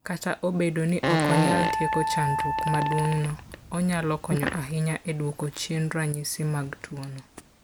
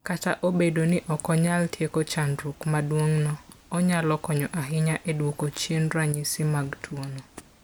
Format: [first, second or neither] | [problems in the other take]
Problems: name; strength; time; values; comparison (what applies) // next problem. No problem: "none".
second | background sound (Fart + Wind instrument, woodwind instrument); as loud as the speech